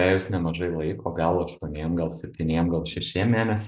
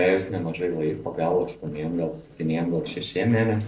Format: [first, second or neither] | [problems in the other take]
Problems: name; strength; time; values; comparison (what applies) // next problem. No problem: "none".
first | noise reduction (neural separator model SepFormer DNS4)